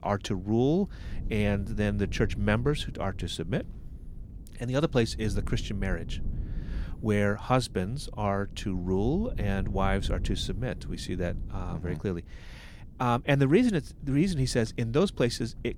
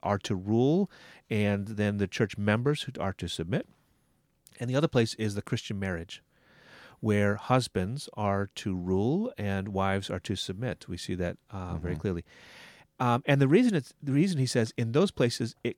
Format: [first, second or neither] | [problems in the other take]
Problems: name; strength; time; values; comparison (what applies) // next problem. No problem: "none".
second | low rumble; faint; throughout; 20 dB below the speech